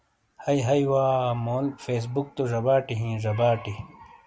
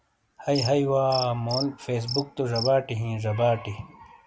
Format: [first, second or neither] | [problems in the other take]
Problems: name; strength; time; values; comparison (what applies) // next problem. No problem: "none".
first | background sound (Cricket); 12 dB below the speech